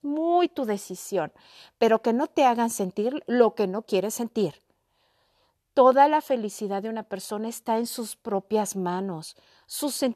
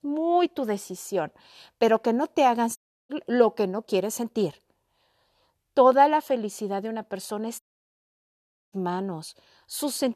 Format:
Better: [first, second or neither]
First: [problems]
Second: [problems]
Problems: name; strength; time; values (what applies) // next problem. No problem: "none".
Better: first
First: none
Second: audio cutting out; at 3 s and at 7.5 s for 1 s